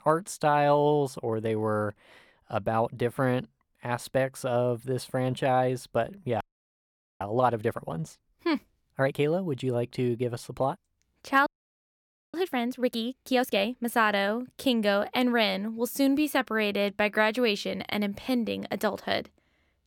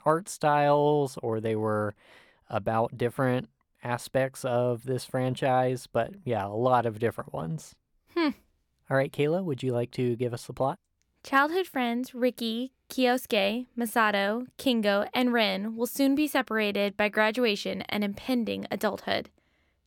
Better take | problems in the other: second | audio freezing; at 6.5 s for 1 s and at 11 s for 1 s

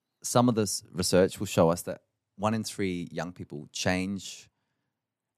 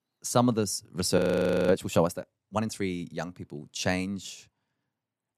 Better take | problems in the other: first | audio freezing; at 1 s for 0.5 s

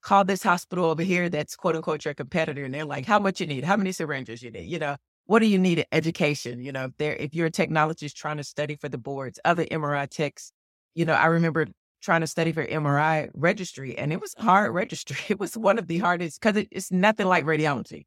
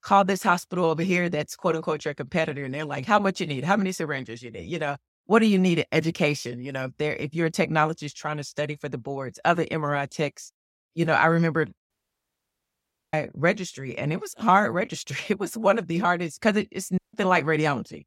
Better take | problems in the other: first | audio cutting out; at 12 s for 1 s and at 17 s

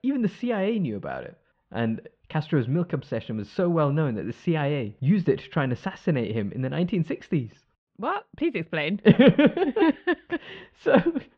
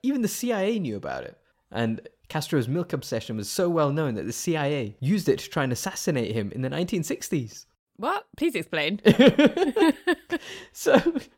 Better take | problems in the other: second | muffled; very; fading above 3 kHz

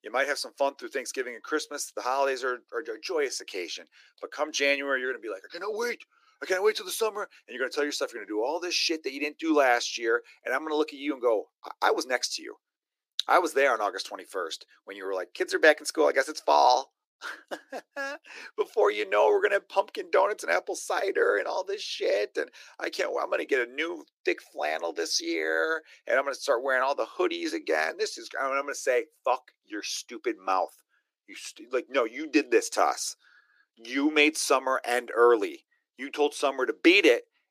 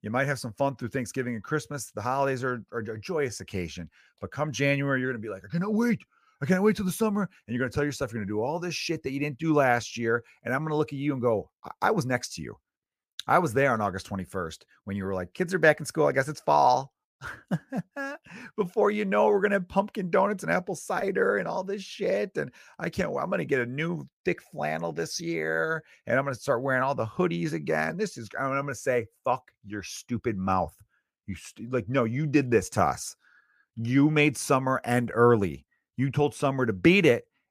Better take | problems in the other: second | thin; somewhat; fading below 300 Hz

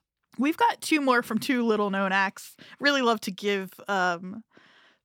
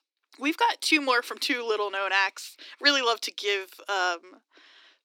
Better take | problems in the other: first | thin; somewhat; fading below 300 Hz

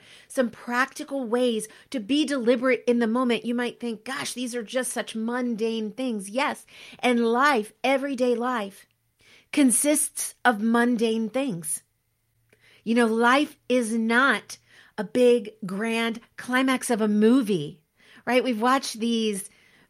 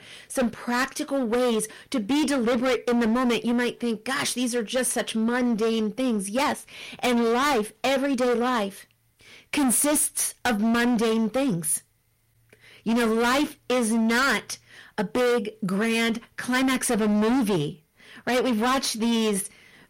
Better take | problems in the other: first | distortion; heavy; 22% of the sound clipped

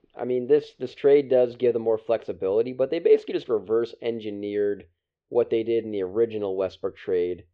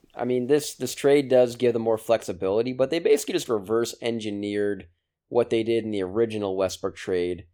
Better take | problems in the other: second | muffled; slightly; fading above 4 kHz

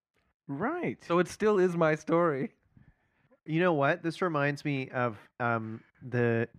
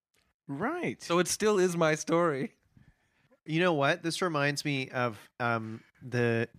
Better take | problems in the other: second | muffled; slightly; fading above 3 kHz

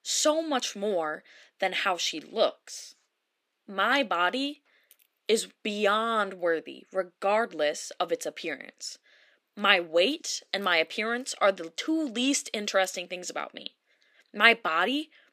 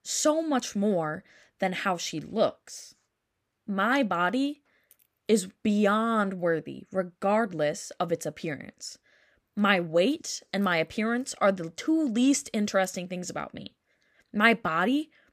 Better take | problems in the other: second | thin; somewhat; fading below 300 Hz

